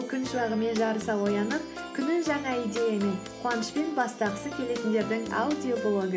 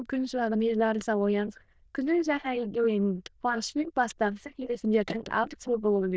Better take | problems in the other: first | noise reduction (neural diffusion model UNIVERSE++)

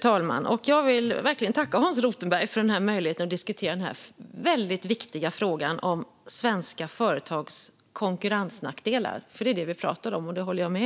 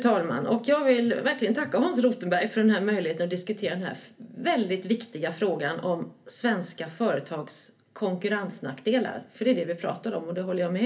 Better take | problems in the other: first | room echo; dies away in 0.3 s

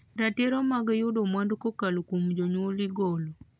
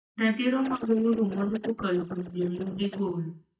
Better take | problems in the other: first | noise reduction (neural mask model DeepFilterNet 3)

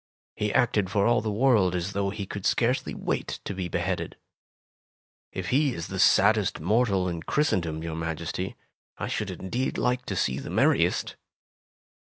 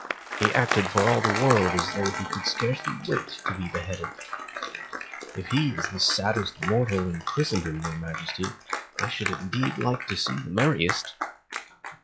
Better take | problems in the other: first | noise reduction (classical method log-MMSE)

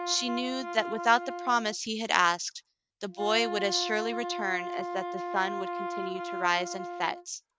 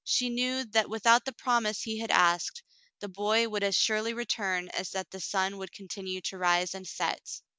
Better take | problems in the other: second | noise reduction (neural mask model RNNoise)

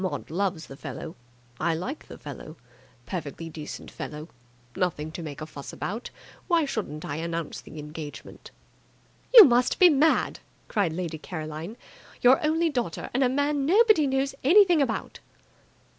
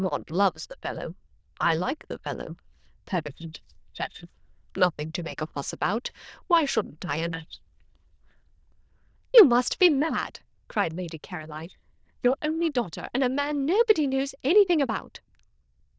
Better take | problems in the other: first | noise reduction (neural diffusion model UNIVERSE++)

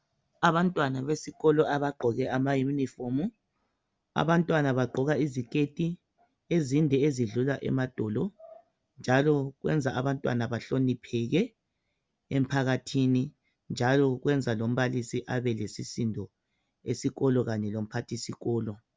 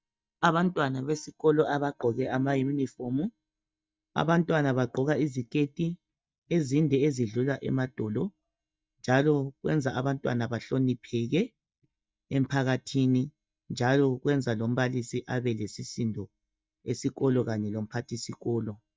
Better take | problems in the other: first | noise reduction (neural mask model DeepFilterNet 3)

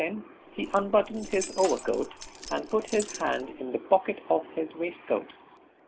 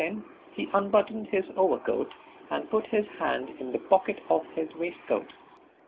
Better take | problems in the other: second | background sound (Keys jangling + Snare drum); 13 dB below the speech

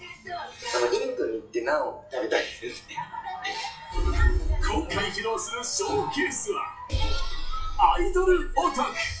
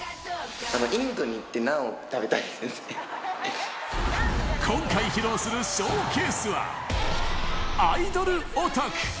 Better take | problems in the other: second | noise reduction (classical method WPE with log-MMSE)

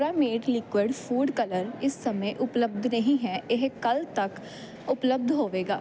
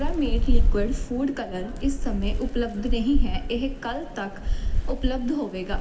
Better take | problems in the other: first | background sound (Thunder / Rain); 4 dB above the speech // room echo; dies away in 2.7 s

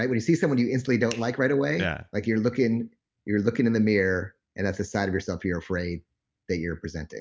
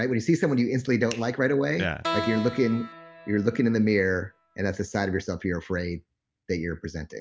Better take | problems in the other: first | background sound (Keyboard (musical)); 11 dB below the speech

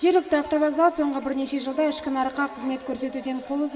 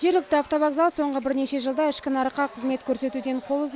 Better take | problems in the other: second | room echo; dies away in 1.9 s

